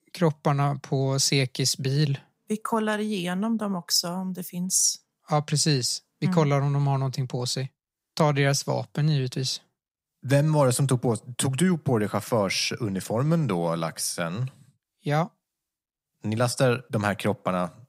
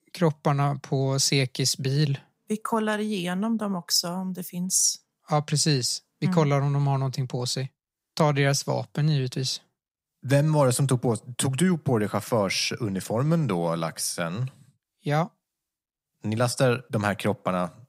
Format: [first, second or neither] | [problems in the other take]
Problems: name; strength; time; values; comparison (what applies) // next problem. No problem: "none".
neither | none